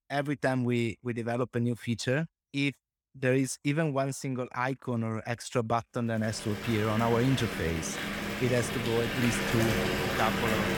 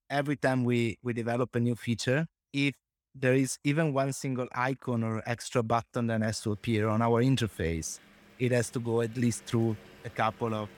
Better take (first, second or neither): second